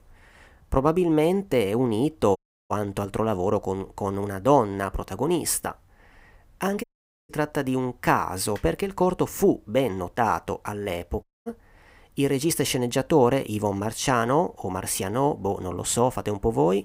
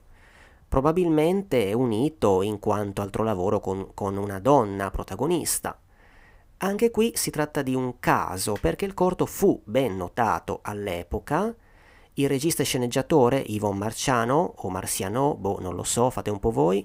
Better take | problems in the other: second | audio cutting out; at 2.5 s, at 7 s and at 11 s

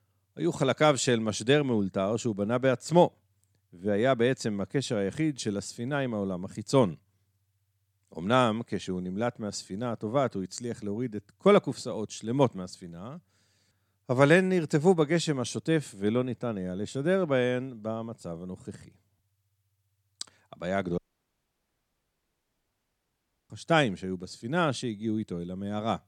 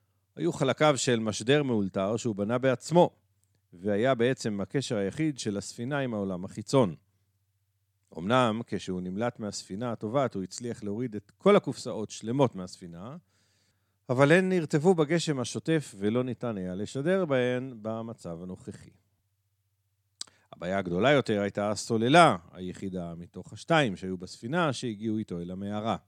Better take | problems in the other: second | audio cutting out; at 21 s for 2.5 s

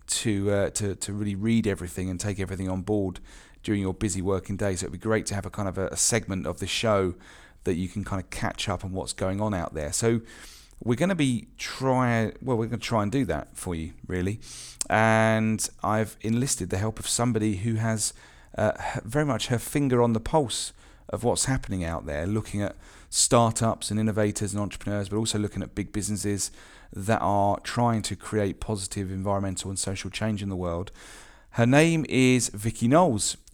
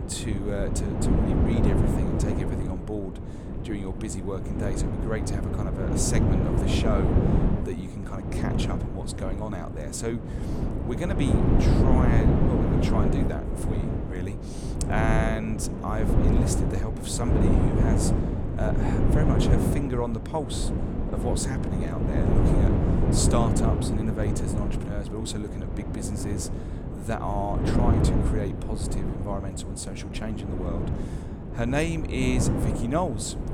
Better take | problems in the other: first | wind noise on the microphone; heavy; as loud as the speech

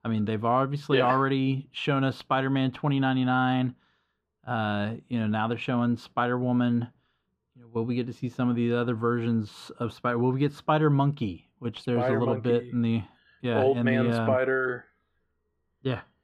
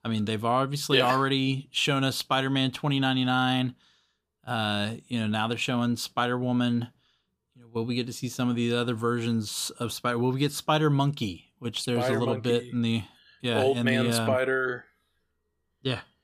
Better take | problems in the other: second | muffled; very; fading above 3.5 kHz

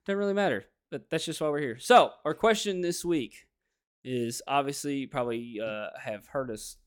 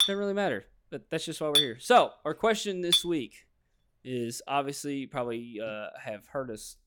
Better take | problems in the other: first | clattering dishes; loud; until 3 s; peak 6 dB above the speech

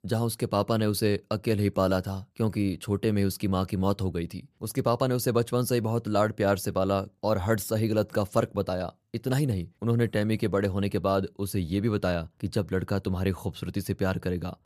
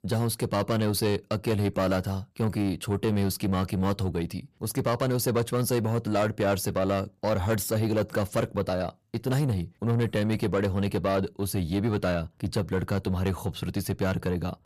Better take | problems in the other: first | distortion; slight; 10 dB below the speech

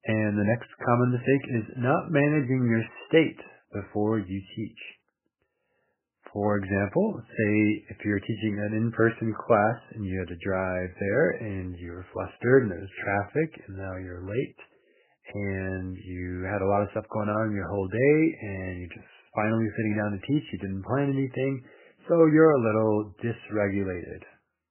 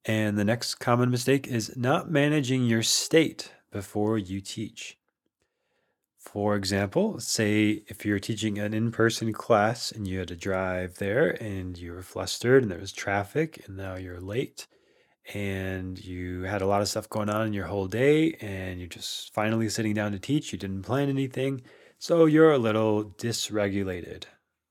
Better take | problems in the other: second | garbled, watery; badly; nothing above 3 kHz

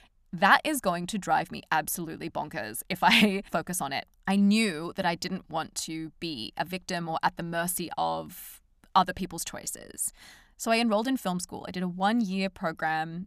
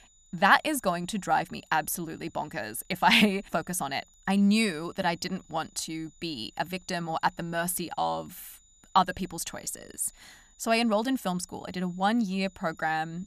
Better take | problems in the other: first | high-pitched whine; faint; throughout; 7 kHz, 30 dB below the speech

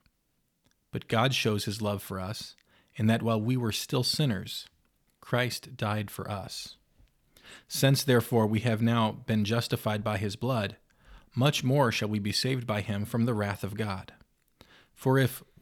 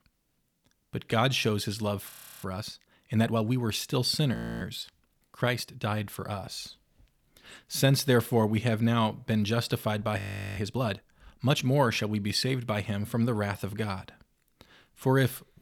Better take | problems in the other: first | audio freezing; at 2 s, at 4.5 s and at 10 s

